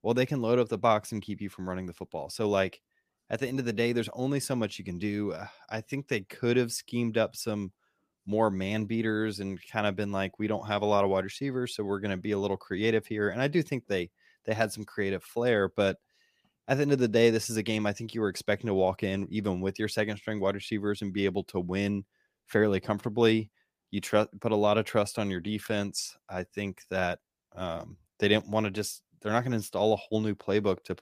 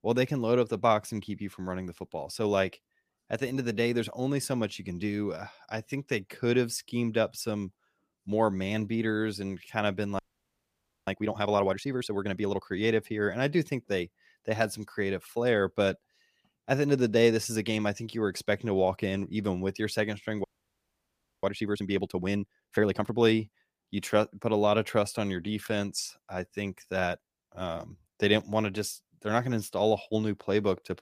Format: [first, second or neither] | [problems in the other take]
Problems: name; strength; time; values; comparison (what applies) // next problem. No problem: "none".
first | audio freezing; at 10 s for 1 s and at 20 s for 1 s